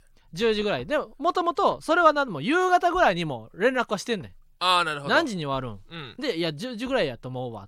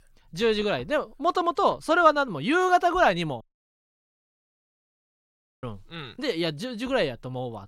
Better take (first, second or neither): first